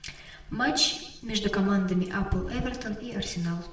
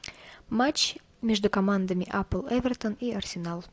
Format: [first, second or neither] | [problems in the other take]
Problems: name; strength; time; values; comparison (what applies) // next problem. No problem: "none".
second | room echo; dies away in 0.8 s